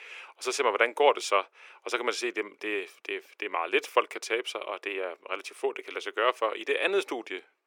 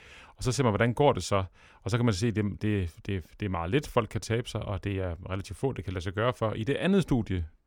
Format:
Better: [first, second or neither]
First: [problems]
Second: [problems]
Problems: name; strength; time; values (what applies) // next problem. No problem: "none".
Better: second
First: thin; very; fading below 350 Hz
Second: none